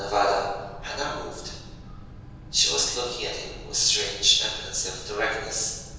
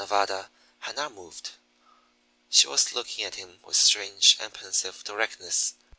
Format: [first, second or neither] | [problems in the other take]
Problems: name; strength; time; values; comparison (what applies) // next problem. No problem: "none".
second | background sound (Boat, Water vehicle); 14 dB below the speech // room echo; dies away in 1.2 s